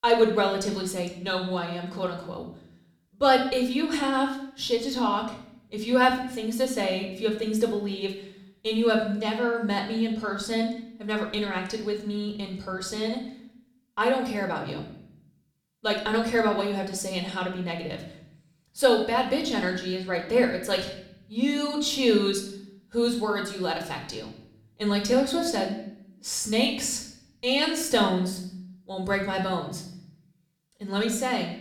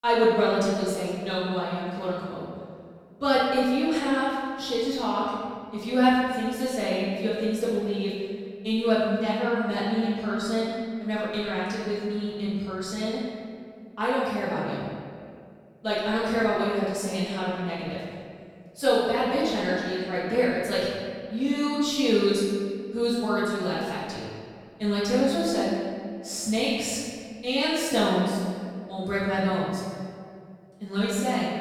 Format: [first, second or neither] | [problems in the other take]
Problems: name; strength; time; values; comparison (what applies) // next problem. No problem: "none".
first | room echo; strong; dies away in 1.8 s; slight in the first // off-mic speech; far; somewhat distant in the first